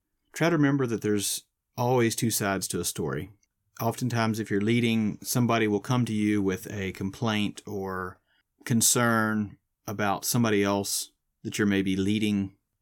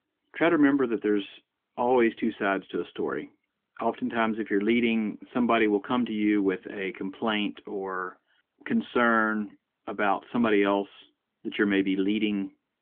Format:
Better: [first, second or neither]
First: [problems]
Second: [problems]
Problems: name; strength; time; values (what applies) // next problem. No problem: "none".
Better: first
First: none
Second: phone-call audio; nothing above 3.5 kHz